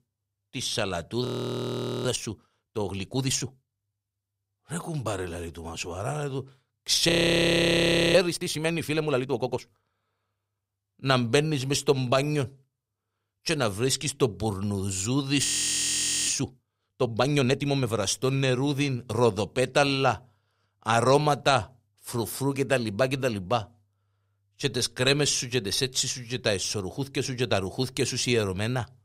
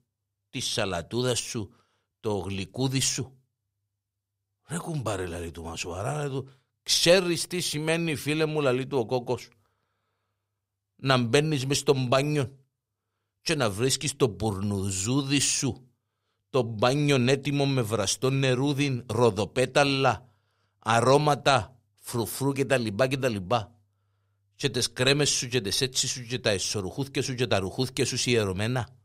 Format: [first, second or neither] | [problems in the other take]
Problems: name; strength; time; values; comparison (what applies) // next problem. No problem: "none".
second | audio freezing; at 1.5 s for 1 s, at 7 s for 1 s and at 15 s for 1 s